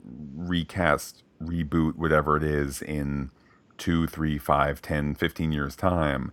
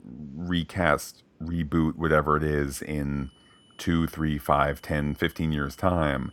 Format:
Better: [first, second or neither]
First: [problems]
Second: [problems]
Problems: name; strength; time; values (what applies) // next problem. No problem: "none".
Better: first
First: none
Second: high-pitched whine; faint; from 3 s on; 3 kHz, 30 dB below the speech